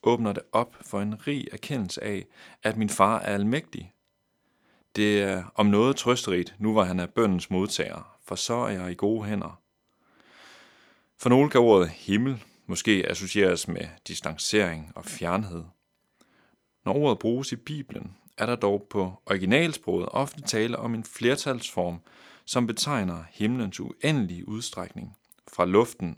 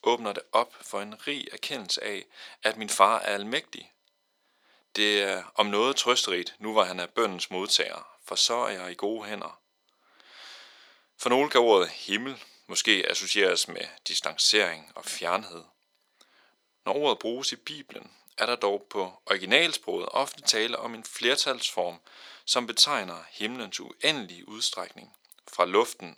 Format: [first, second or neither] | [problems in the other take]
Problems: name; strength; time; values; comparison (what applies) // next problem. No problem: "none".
first | thin; somewhat; fading below 500 Hz